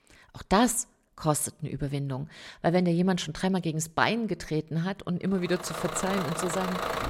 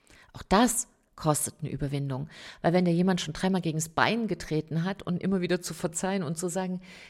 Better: second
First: traffic noise; loud; from 5.5 s on; 5 dB below the speech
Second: none

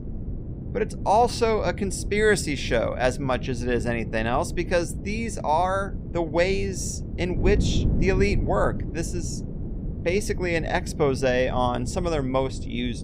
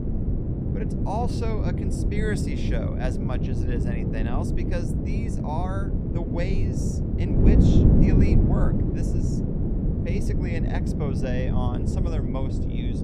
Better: first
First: wind noise on the microphone; occasional gusts; 15 dB below the speech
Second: wind noise on the microphone; heavy; 2 dB above the speech

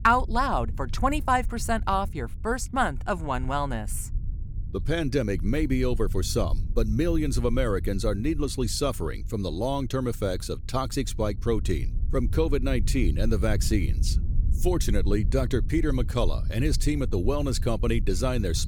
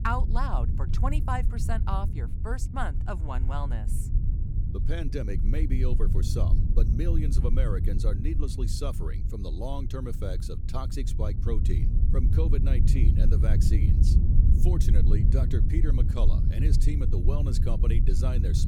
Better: first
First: low rumble; faint; throughout; 20 dB below the speech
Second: low rumble; loud; throughout; 5 dB below the speech

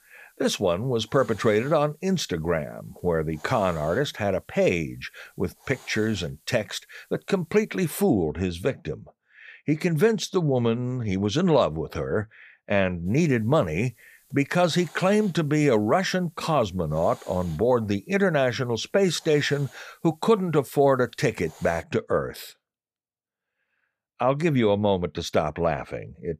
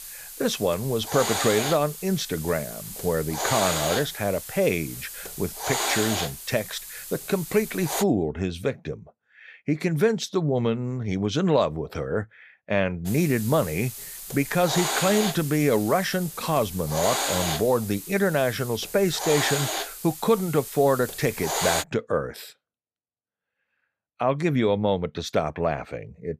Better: first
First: hiss; faint; until 8 s and from 13 to 22 s; 30 dB below the speech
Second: hiss; loud; until 8 s and from 13 to 22 s; 5 dB below the speech

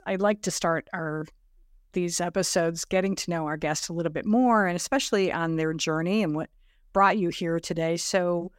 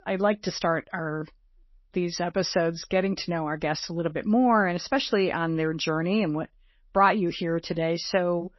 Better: first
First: none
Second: garbled, watery; slightly; nothing above 6 kHz

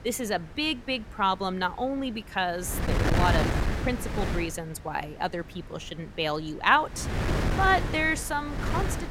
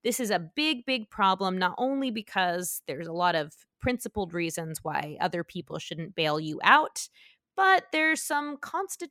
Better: second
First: wind noise on the microphone; heavy; 6 dB below the speech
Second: none

